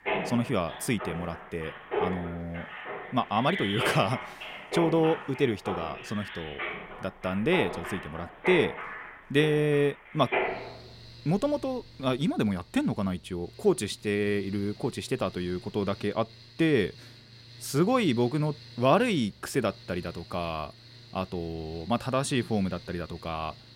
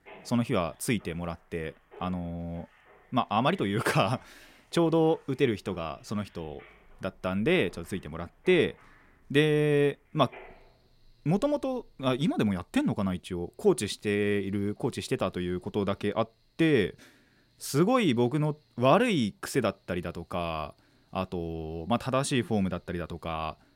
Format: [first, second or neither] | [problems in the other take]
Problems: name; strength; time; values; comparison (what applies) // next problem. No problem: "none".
second | machinery noise; loud; throughout; 8 dB below the speech; faint in the second